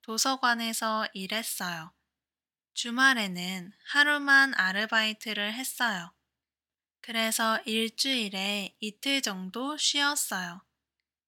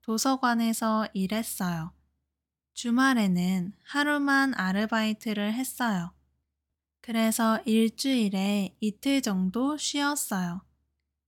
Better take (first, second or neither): second